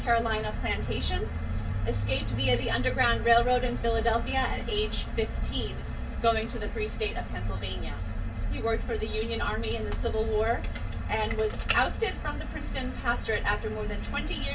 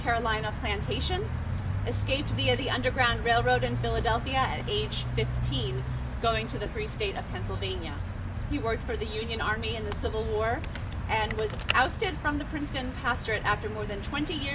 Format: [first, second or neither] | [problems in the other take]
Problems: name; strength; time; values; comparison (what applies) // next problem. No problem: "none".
second | room echo; dies away in 0.1 s